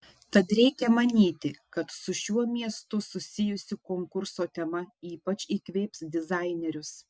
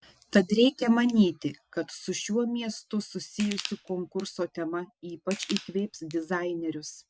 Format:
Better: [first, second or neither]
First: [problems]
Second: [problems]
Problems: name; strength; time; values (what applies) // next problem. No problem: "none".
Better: first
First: none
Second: background sound (Crushing); 14 dB below the speech